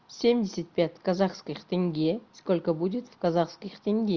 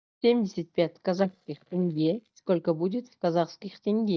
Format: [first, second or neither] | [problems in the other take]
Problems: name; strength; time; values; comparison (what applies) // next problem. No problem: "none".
first | noise reduction (neural mask model DeepFilterNet 3)